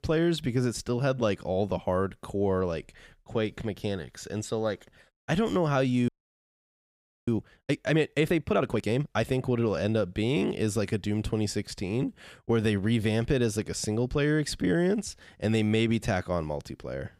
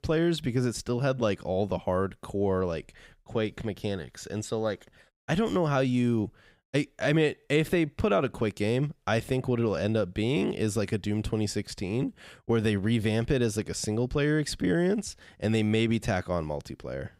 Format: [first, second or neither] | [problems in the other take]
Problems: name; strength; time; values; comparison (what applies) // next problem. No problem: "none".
second | audio freezing; at 6 s for 1 s